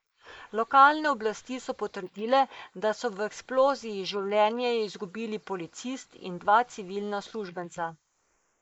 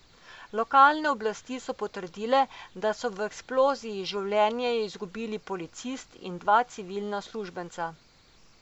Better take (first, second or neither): second